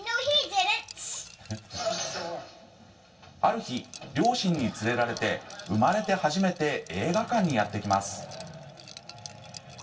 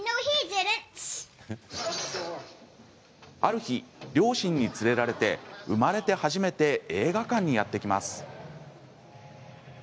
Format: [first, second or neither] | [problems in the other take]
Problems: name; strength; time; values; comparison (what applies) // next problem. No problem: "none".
second | background sound (Liquid); 20 dB below the speech // room echo; dies away in 0.2 s